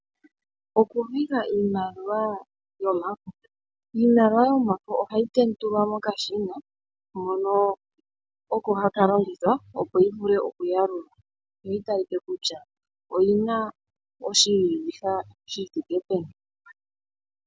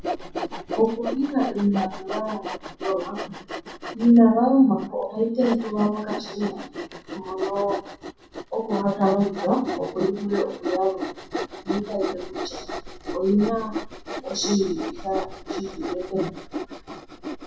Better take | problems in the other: first | background sound (Sawing); 8 dB below the speech // room echo; dies away in 0.6 s

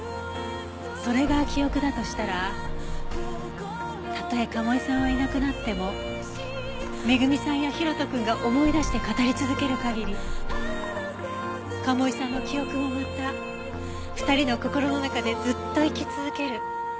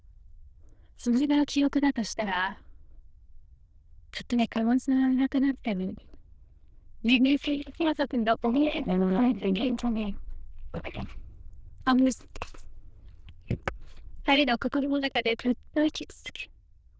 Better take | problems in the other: first | noise reduction (neural diffusion model UNIVERSE++)

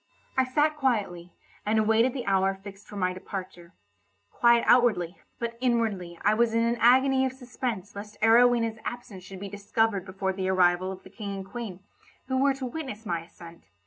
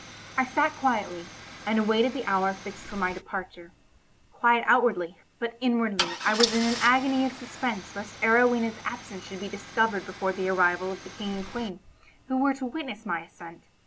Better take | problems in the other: first | background sound (Idling / Engine starting / Car); 12 dB below the speech

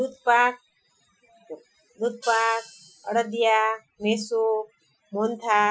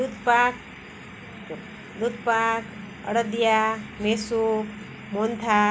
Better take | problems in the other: second | noise reduction (classical method Wiener filter)

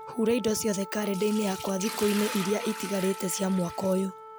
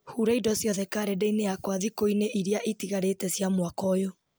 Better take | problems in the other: second | background sound (Wind instrument, woodwind instrument + Liquid); 11 dB below the speech

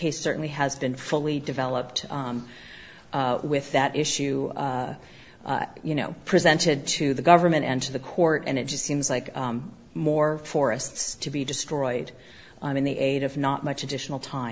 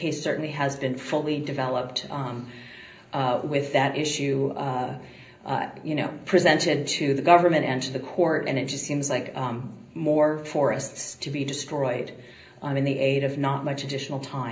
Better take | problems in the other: first | room echo; dies away in 0.5 s

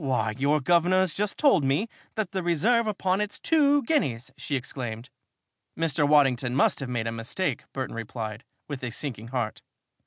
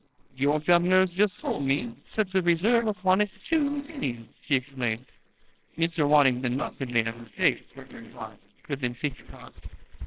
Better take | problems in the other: first | noise reduction (neural separator model SepFormer WHAMR!)

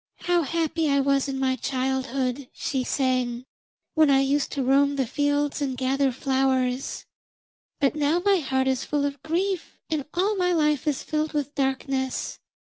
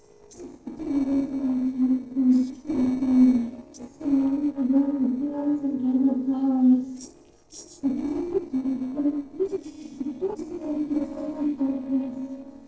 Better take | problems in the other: first | noise reduction (neural separator model SepFormer DNS4)

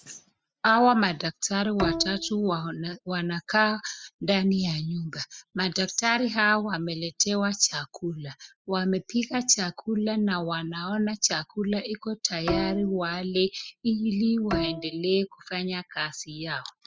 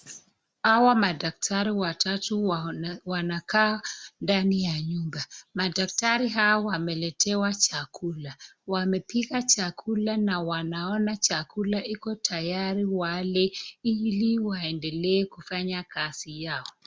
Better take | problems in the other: second | noise reduction (classical method spectral subtraction)

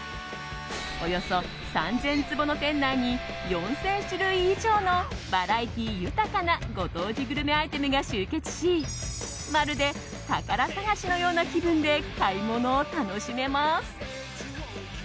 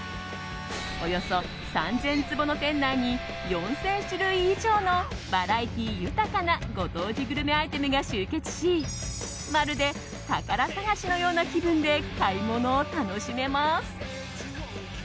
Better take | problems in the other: first | background sound (Bowed string instrument); 16 dB below the speech

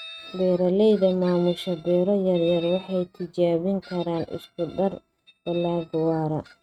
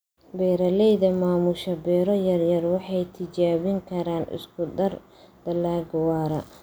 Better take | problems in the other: second | noise reduction (neural mask model RNNoise)

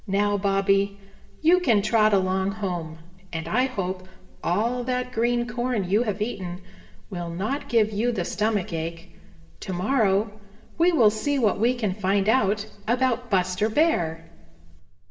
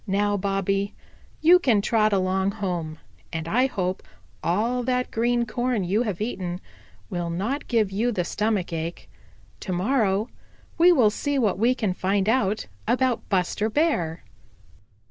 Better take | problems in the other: second | room echo; dies away in 0.8 s

